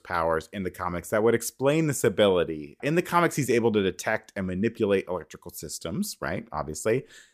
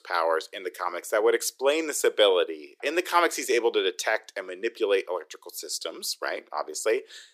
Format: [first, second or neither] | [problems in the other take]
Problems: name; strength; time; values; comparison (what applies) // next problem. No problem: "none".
first | thin; very; fading below 350 Hz